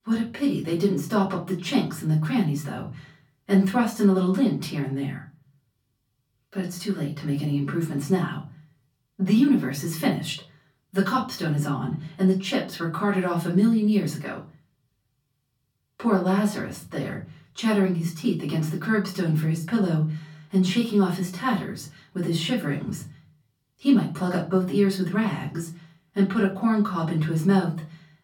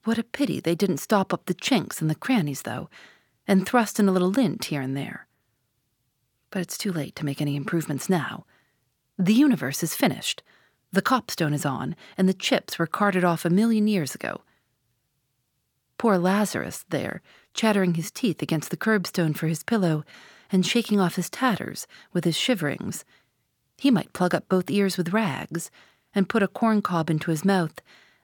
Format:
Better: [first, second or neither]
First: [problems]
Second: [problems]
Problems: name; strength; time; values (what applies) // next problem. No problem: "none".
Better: second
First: room echo; slight; dies away in 0.6 s // off-mic speech; far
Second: none